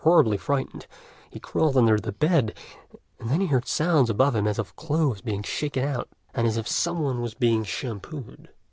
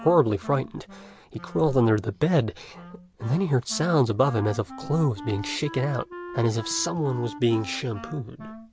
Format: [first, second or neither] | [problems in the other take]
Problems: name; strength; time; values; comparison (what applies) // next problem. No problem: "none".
first | background sound (Wind instrument, woodwind instrument); 16 dB below the speech